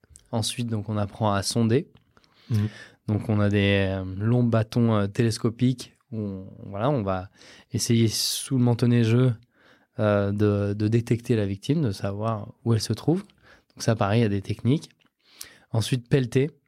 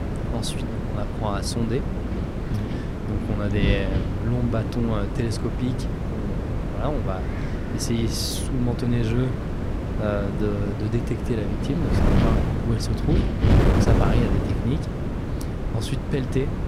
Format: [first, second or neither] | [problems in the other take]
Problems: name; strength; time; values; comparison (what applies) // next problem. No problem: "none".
first | wind noise on the microphone; heavy; 1 dB below the speech